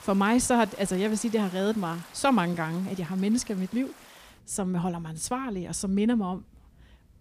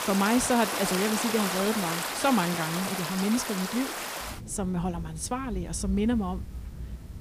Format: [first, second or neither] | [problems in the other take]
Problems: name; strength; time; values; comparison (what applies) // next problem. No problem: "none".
first | rain or running water; loud; throughout; 4 dB below the speech; faint in the first